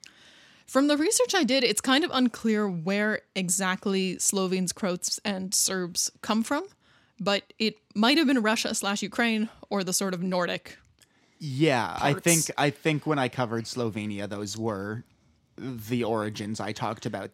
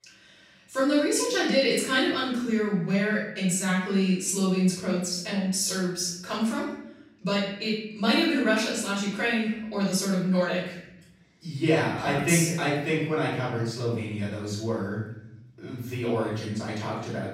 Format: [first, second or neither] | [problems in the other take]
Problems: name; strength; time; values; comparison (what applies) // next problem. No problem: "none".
first | off-mic speech; far // room echo; noticeable; dies away in 0.8 s